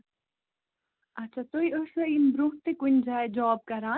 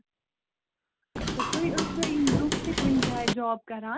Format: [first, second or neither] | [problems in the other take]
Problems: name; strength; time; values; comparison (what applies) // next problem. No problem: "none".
first | background sound (Hammer / Wood); 2 dB above the speech